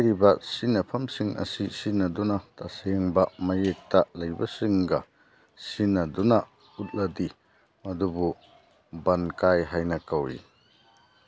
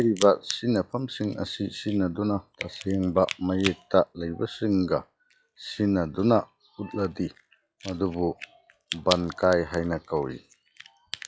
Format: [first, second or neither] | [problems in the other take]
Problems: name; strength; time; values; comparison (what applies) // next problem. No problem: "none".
first | noise reduction (classical method log-MMSE)